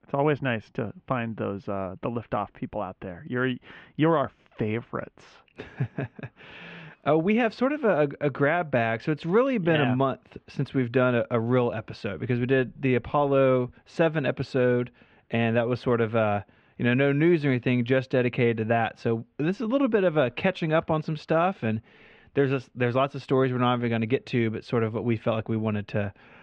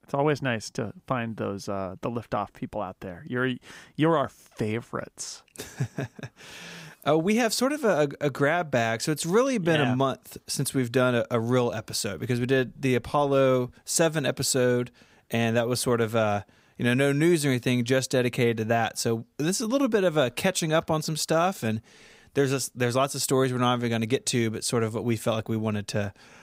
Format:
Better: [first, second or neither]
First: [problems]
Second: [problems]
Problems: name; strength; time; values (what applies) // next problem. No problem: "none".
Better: second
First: muffled; very; fading above 3 kHz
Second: none